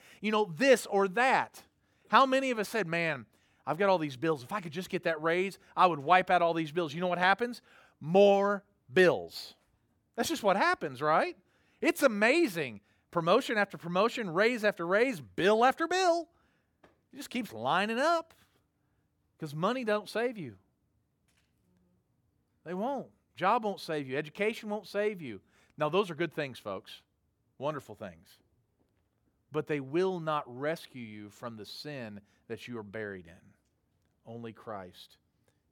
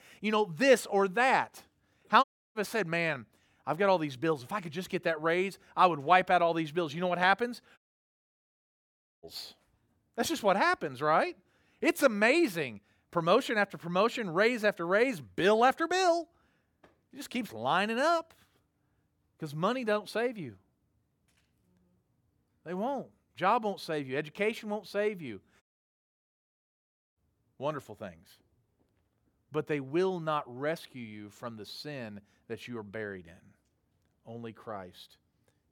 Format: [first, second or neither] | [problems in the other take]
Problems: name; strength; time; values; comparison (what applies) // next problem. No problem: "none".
first | audio cutting out; at 2 s, at 8 s for 1.5 s and at 26 s for 1.5 s